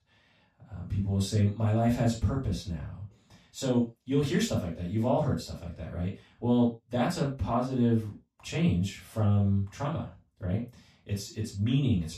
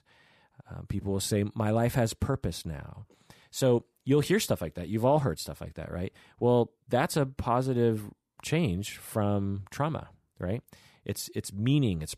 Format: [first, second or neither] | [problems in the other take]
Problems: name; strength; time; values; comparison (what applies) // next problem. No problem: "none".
second | room echo; noticeable; dies away in 0.2 s // off-mic speech; far